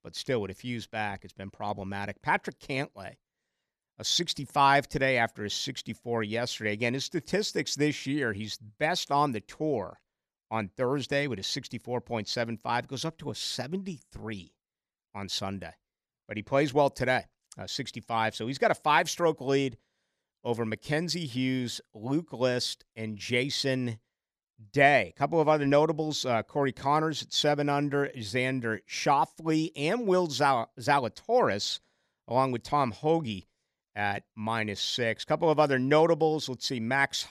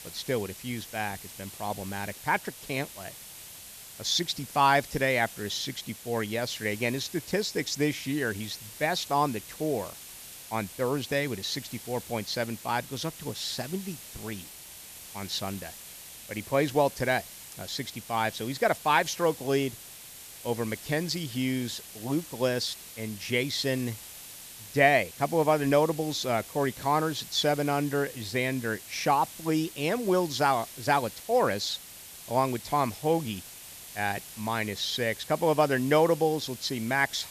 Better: first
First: none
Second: hiss; noticeable; throughout; 15 dB below the speech

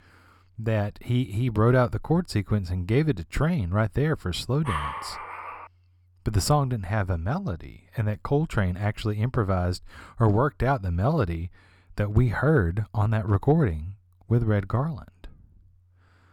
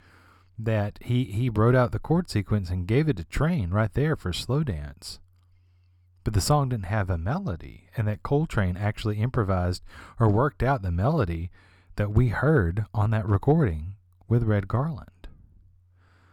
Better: second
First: dog barking; noticeable; from 4.5 to 5.5 s; peak 5 dB below the speech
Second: none

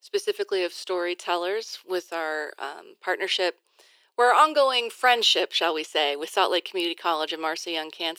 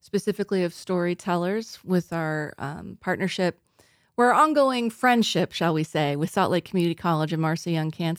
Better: second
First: thin; very; fading below 350 Hz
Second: none

